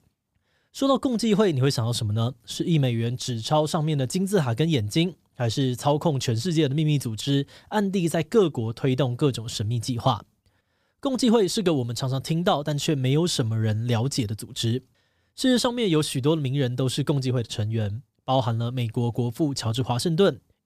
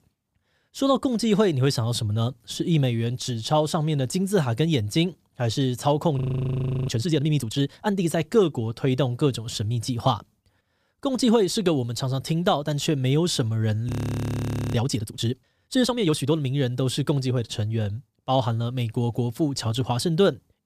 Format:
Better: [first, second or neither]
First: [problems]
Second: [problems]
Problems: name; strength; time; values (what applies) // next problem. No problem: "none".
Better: first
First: none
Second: audio freezing; at 6 s for 0.5 s and at 14 s for 1 s